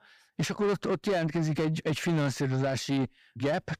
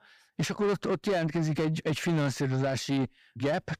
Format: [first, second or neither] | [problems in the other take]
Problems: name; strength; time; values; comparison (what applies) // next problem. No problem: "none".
neither | distortion; slight; 10 dB below the speech; the same in both